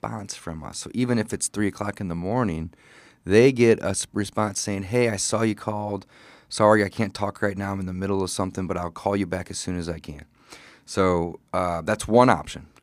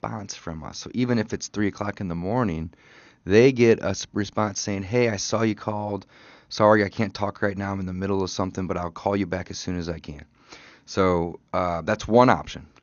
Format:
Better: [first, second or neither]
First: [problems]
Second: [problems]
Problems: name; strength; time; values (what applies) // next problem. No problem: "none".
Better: first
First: none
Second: garbled, watery; slightly; nothing above 6.5 kHz